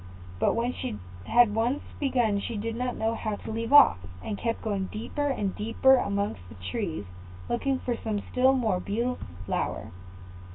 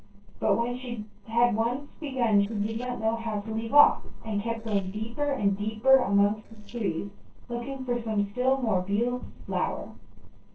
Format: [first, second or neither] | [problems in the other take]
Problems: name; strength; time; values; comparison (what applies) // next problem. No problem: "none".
first | noise reduction (neural separator model SepFormer DNS4)